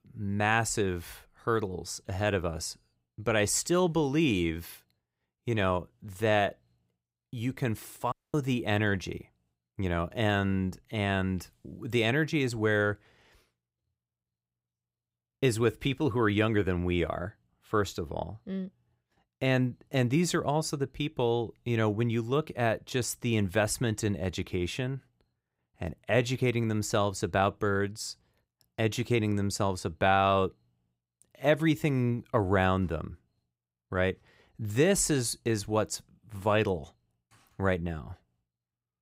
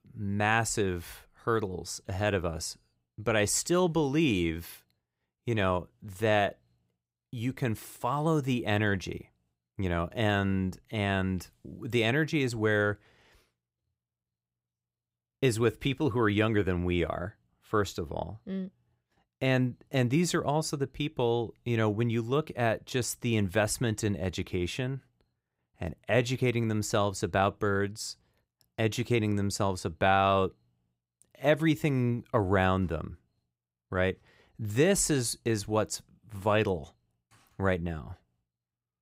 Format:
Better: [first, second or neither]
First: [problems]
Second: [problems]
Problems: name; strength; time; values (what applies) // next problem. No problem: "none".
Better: second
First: audio cutting out; at 8 s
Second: none